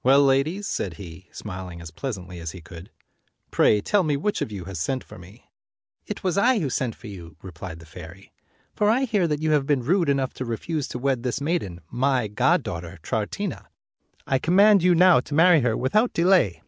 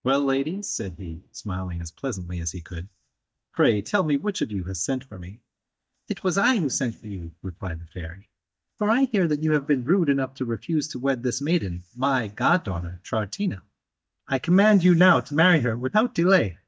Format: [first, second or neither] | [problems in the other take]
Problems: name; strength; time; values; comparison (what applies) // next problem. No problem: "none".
first | noise reduction (neural mask model DeepFilterNet 3)